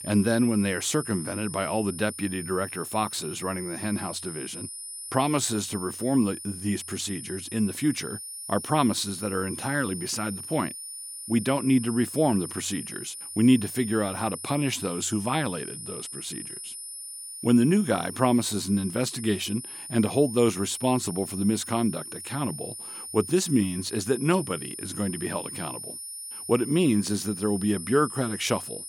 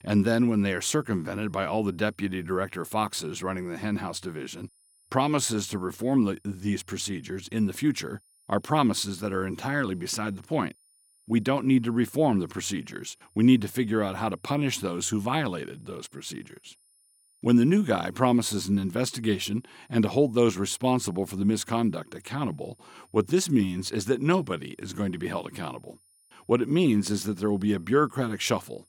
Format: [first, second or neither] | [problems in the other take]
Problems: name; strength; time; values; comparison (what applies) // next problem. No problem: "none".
second | high-pitched whine; loud; throughout; 9.5 kHz, 9 dB below the speech; faint in the second